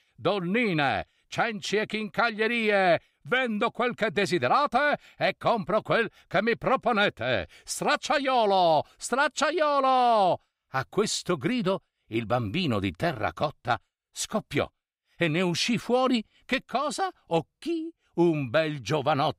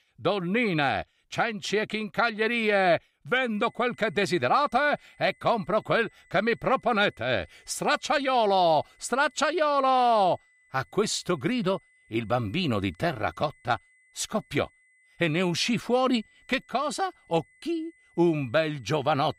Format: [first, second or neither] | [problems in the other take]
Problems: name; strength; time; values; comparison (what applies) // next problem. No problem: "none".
first | high-pitched whine; faint; from 3.5 s on; 2 kHz, 35 dB below the speech